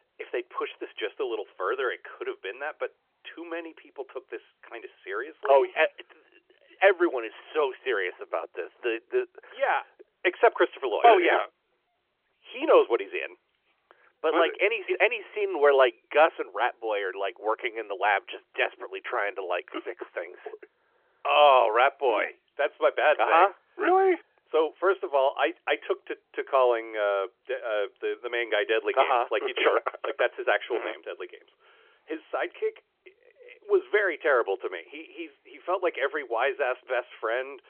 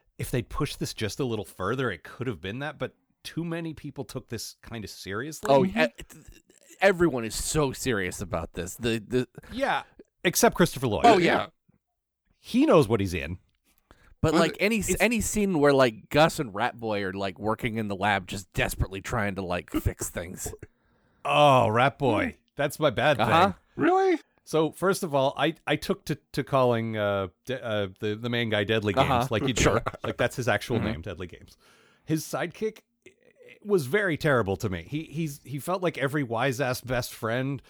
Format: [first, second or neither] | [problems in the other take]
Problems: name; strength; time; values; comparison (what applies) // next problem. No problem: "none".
second | phone-call audio; nothing above 3.5 kHz